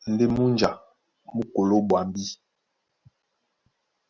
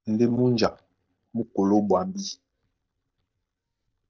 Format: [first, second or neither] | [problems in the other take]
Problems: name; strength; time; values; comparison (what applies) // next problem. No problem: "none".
first | noise reduction (neural mask model DeepFilterNet 3)